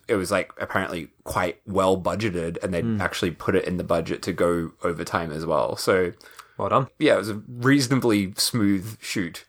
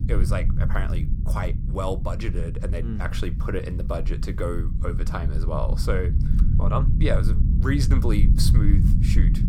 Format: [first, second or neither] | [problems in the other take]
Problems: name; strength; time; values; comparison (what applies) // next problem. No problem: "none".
first | low rumble; loud; throughout; 6 dB below the speech